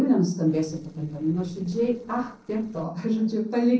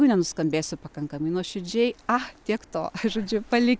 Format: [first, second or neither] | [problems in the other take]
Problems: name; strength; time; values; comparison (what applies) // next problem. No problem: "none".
second | noise reduction (neural separator model SepFormer DNS4)